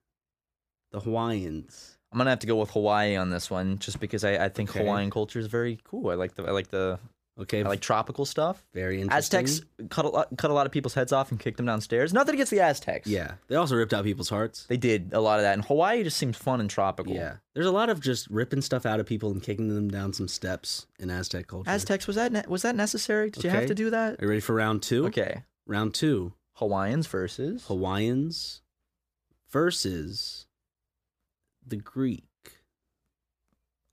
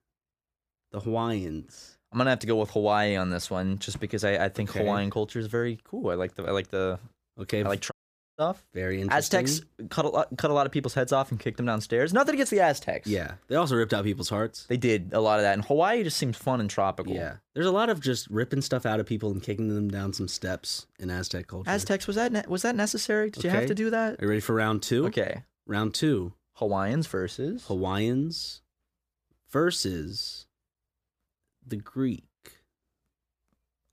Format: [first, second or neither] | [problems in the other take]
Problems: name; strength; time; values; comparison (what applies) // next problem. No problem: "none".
first | audio cutting out; at 8 s